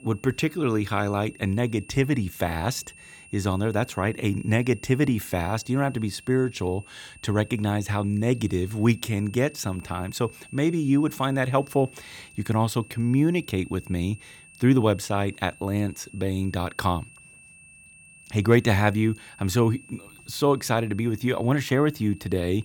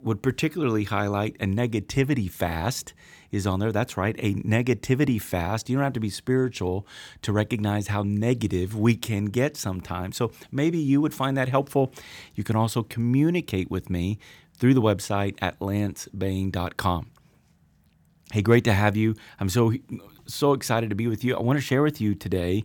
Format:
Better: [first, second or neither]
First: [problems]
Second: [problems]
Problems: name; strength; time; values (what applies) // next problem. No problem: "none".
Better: second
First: high-pitched whine; faint; throughout; 2.5 kHz, 25 dB below the speech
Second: none